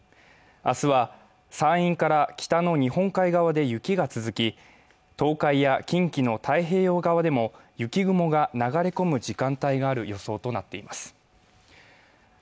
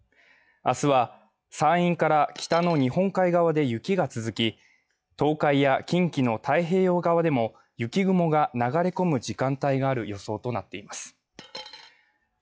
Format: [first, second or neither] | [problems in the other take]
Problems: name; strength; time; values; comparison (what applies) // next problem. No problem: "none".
first | noise reduction (classical method log-MMSE)